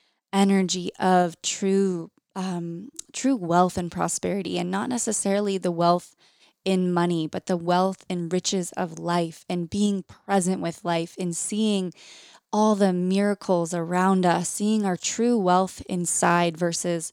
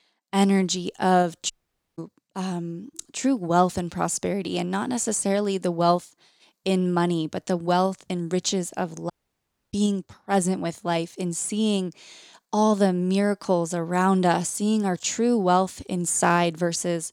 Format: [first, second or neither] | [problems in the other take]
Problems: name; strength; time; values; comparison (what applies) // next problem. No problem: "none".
first | audio cutting out; at 1.5 s and at 9 s for 0.5 s